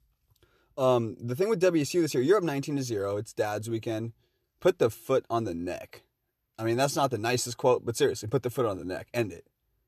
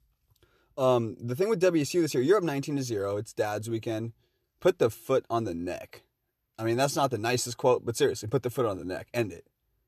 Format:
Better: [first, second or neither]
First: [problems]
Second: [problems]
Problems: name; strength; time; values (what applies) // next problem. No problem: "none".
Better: neither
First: none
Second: none